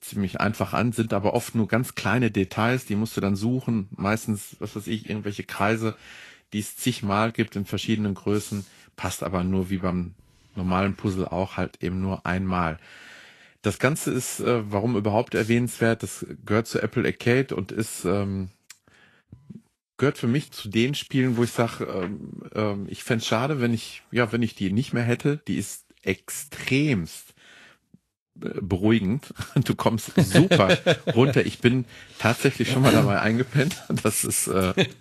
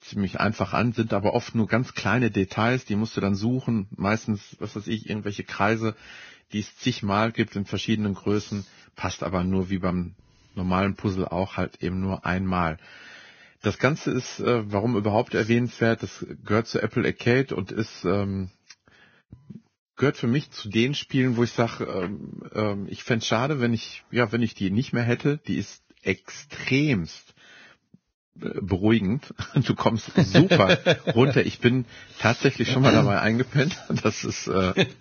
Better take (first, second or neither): first